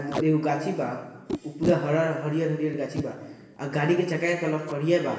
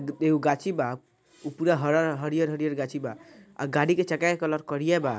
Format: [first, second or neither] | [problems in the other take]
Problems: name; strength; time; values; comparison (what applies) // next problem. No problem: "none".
second | background sound (Packing tape, duct tape); 10 dB below the speech // room echo; dies away in 1.2 s